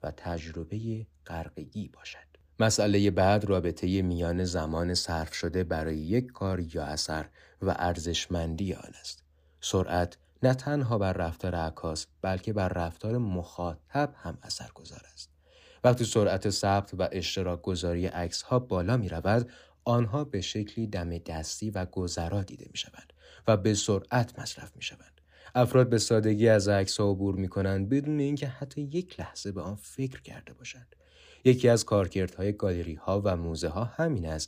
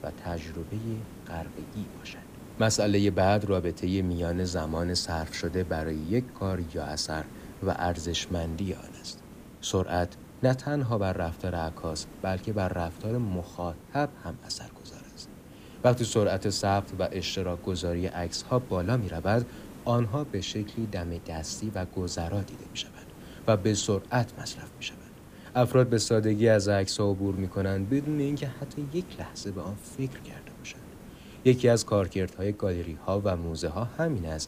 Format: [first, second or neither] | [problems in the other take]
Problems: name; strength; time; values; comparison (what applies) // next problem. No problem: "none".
first | hiss; noticeable; throughout; 20 dB below the speech